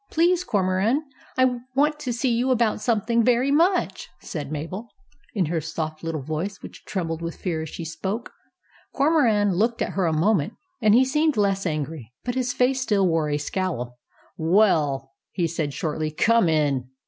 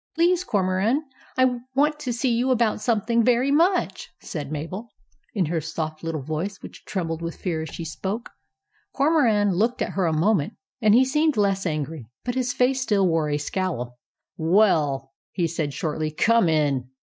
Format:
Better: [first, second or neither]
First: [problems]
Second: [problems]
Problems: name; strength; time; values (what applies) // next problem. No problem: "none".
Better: first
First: none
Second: noise reduction (neural mask model DeepFilterNet 3)